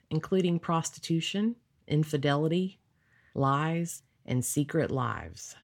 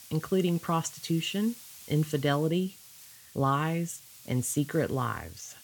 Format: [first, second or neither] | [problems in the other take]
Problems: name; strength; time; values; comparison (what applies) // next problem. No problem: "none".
first | hiss; noticeable; throughout; 20 dB below the speech